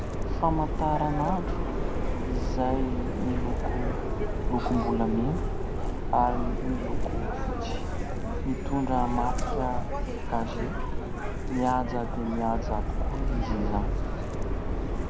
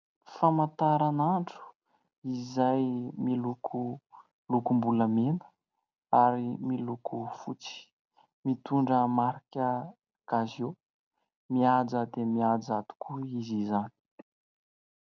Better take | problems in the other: second | background sound (Subway, metro, underground); 3 dB above the speech

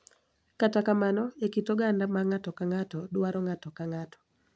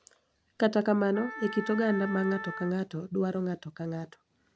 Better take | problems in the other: first | background sound (Wind instrument, woodwind instrument); 11 dB below the speech

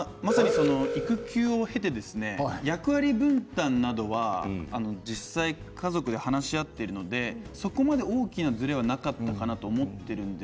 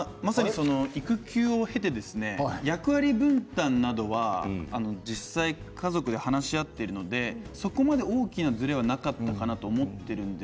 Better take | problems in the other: second | background sound (Alarm); 3 dB below the speech

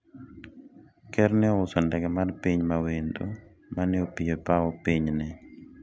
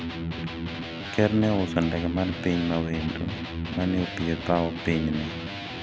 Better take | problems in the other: first | background sound (Electric guitar); 6 dB below the speech

